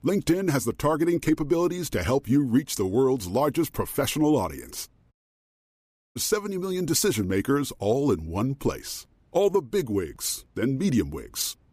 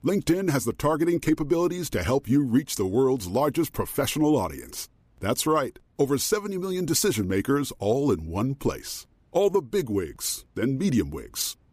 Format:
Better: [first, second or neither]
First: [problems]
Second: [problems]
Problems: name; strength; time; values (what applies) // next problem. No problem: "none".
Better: second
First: audio cutting out; at 5 s for 1 s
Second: none